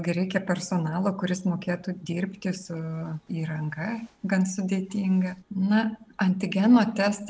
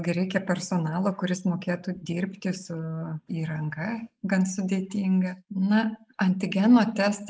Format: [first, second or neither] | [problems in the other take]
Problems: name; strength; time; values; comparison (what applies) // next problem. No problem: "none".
first | noise reduction (neural mask model Resemble Enhance denoiser)